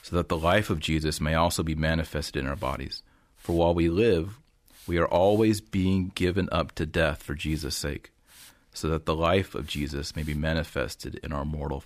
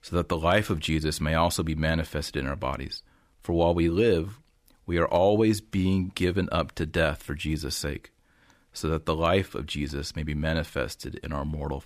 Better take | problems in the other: second | hiss; faint; throughout; 25 dB below the speech

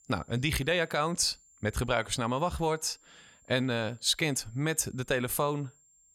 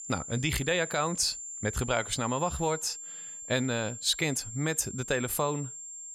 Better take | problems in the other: first | high-pitched whine; loud; throughout; 7.5 kHz, 9 dB below the speech; faint in the first

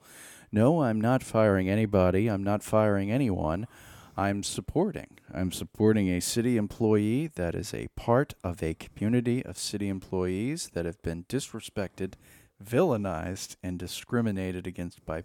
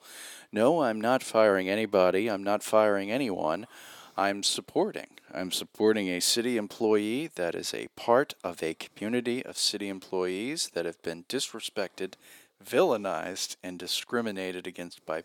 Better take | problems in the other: first | thin; somewhat; fading below 350 Hz

